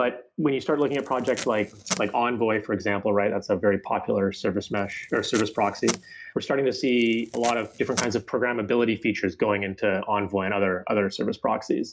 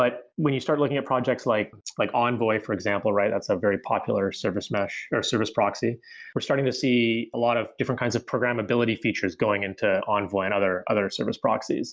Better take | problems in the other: second | background sound (Packing tape, duct tape); 13 dB below the speech // room echo; dies away in 0.3 s

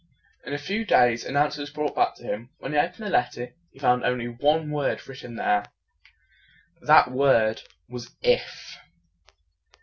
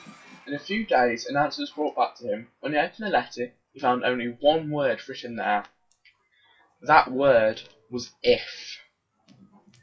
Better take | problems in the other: first | noise reduction (classical method WPE with log-MMSE)

